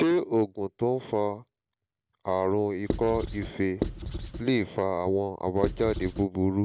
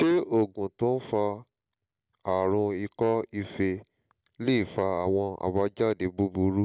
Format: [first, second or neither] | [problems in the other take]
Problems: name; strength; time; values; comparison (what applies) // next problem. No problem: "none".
second | background sound (Writing); 5 dB below the speech